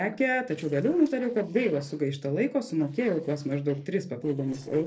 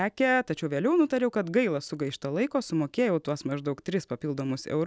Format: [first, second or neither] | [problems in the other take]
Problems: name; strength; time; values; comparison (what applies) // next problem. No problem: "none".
second | noise reduction (neural separator model SepFormer DNS4)